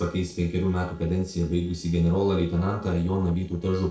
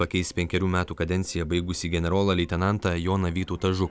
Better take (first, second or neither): second